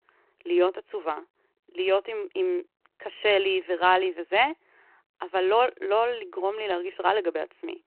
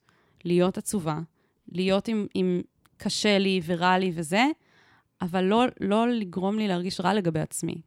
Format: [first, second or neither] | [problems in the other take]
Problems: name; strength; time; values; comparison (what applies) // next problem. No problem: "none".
second | phone-call audio